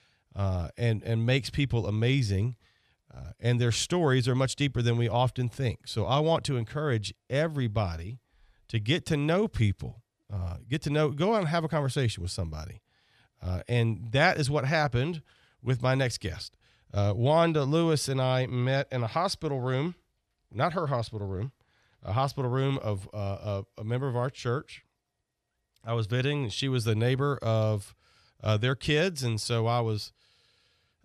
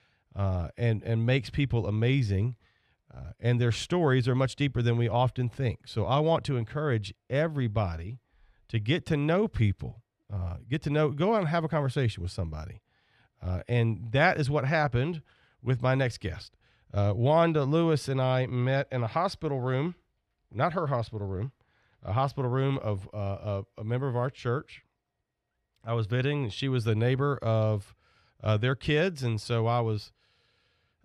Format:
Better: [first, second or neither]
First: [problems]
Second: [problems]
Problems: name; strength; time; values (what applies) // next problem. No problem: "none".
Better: first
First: none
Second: muffled; very slightly; fading above 4 kHz